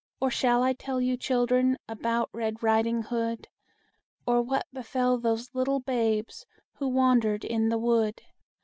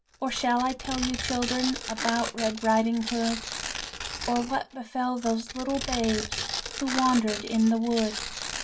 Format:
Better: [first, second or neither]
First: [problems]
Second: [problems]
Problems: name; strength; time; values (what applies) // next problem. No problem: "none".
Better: first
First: none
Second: background sound (Tearing); 7 dB below the speech // room echo; dies away in 0.2 s